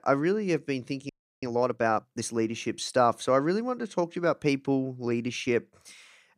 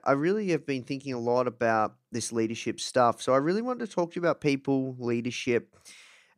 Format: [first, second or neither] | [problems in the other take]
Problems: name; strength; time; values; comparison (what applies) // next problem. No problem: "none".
second | audio freezing; at 1 s